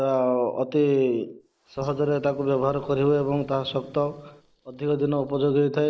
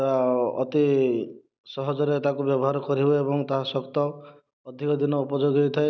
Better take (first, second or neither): second